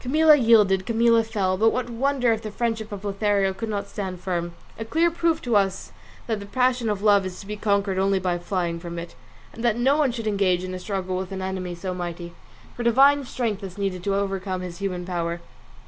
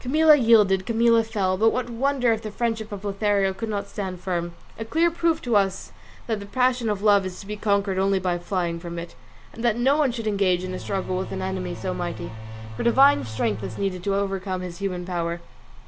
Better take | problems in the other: first | background sound (Engine / Domestic sounds, home sounds); 11 dB below the speech

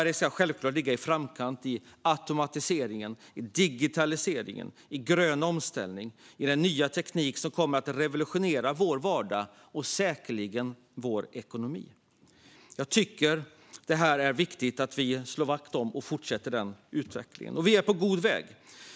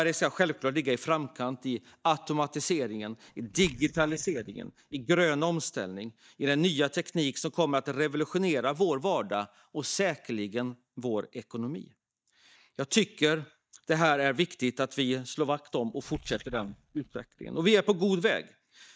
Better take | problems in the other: first | noise reduction (neural mask model DeepFilterNet 3)

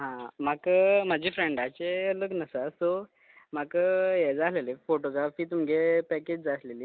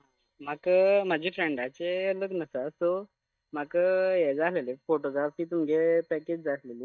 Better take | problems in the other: first | noise reduction (neural mask model DeepFilterNet 3)

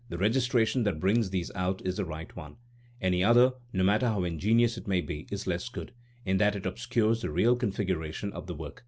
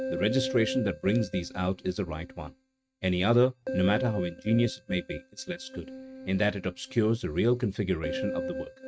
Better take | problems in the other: first | noise reduction (neural mask model RNNoise)

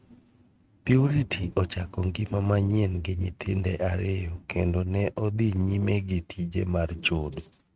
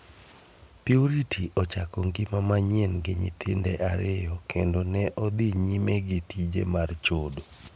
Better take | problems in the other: second | noise reduction (neural mask model RNNoise)

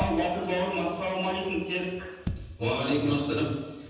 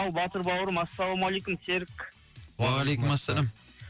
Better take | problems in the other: second | background sound (Bass drum); 11 dB below the speech // room echo; dies away in 1.1 s

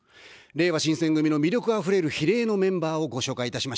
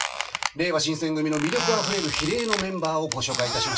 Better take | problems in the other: first | background sound (Squeak); 4 dB below the speech // room echo; dies away in 0.2 s

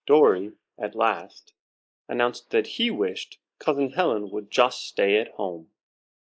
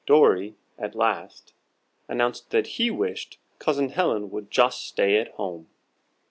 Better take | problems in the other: second | noise reduction (neural mask model Resemble Enhance denoiser)

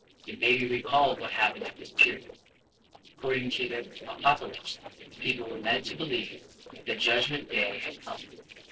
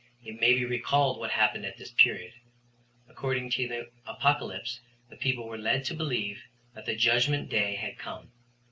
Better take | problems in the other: second | noise reduction (neural separator model SepFormer DNS4)

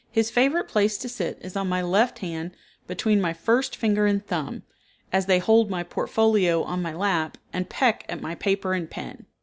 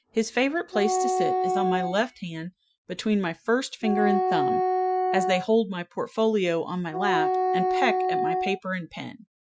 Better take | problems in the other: first | noise reduction (classical method Wiener filter)

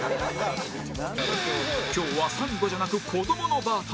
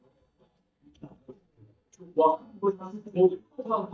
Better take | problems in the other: first | noise reduction (neural mask model DeepFilterNet 3)

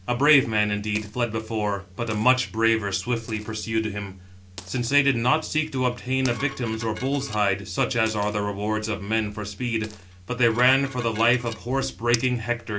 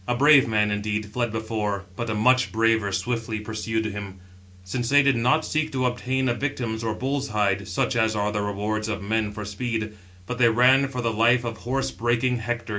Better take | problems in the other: second | background sound (Dishes, pots, and pans + Coin (dropping)); 19 dB below the speech

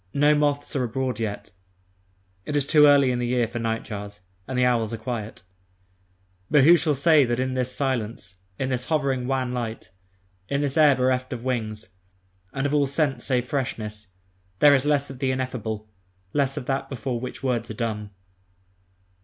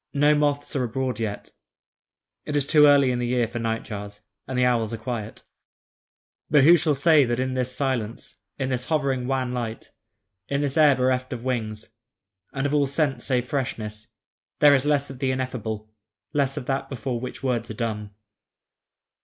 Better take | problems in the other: first | noise reduction (neural mask model Resemble Enhance denoiser)

